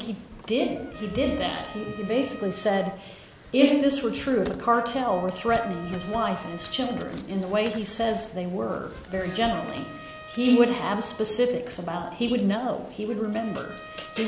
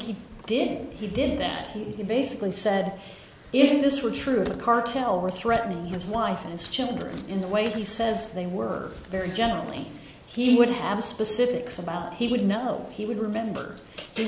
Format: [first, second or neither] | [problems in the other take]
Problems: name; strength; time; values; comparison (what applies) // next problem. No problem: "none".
second | background sound (Trumpet); 20 dB below the speech